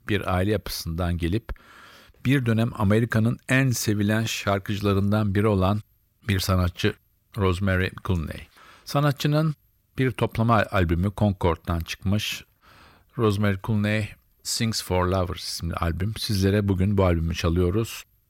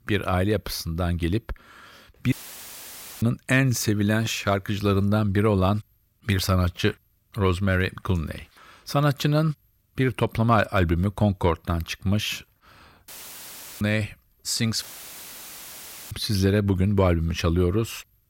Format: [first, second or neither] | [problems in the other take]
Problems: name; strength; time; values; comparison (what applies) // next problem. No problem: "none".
first | audio cutting out; filled with static; at 2.5 s for 1 s, at 13 s for 0.5 s and at 15 s for 1.5 s